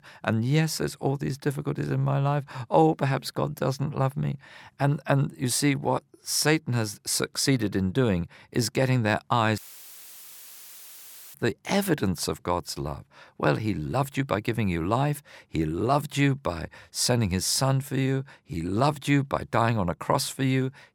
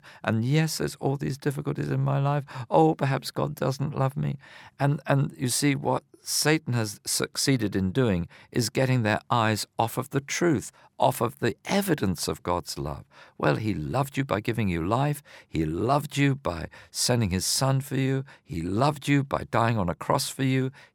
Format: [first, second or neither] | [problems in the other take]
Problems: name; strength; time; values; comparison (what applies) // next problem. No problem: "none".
second | audio cutting out; filled with static; at 9.5 s for 2 s